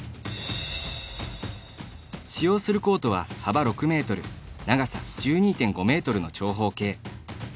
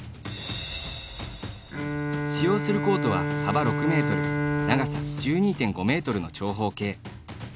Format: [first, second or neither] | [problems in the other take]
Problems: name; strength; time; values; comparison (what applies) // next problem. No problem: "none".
first | background sound (Bowed string instrument); 2 dB below the speech